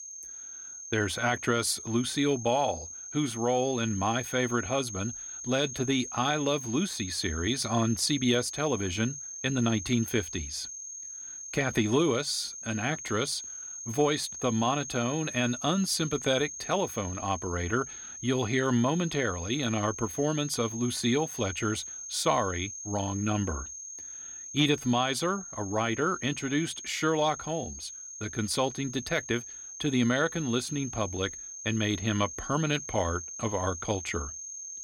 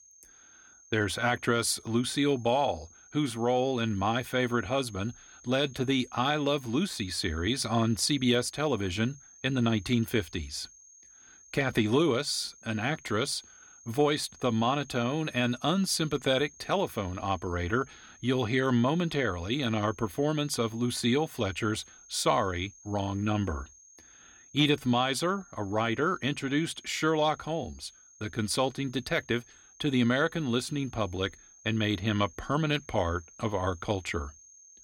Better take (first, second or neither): second